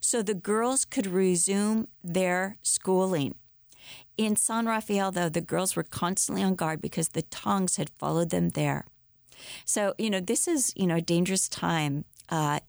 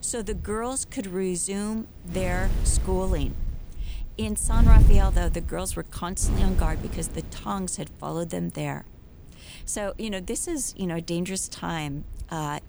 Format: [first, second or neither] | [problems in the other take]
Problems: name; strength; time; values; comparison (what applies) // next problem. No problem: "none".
first | wind noise on the microphone; heavy; 10 dB below the speech